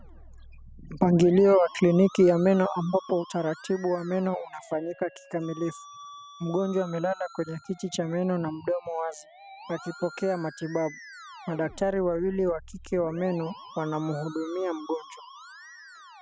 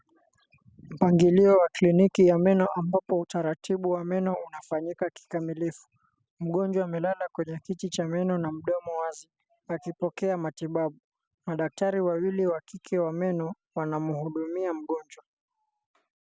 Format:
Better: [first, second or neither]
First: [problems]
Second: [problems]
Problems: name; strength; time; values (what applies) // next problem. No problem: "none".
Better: second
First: background sound (Musical instrument); 19 dB below the speech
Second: none